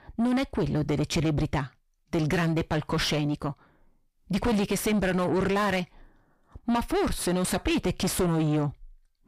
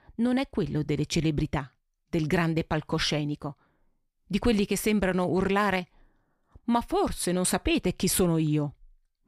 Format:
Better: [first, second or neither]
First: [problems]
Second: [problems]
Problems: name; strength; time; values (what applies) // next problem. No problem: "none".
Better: second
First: distortion; heavy; 6 dB below the speech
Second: none